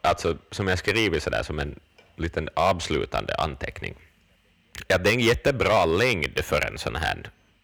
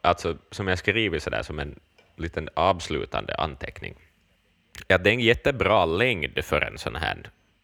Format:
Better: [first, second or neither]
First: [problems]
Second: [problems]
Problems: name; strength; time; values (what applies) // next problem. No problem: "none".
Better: second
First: distortion; heavy; 3% of the sound clipped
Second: none